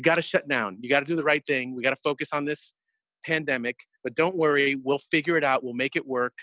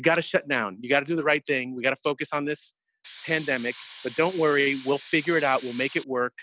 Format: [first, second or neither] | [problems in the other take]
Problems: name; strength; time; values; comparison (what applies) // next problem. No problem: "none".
first | background sound (Hiss); 19 dB below the speech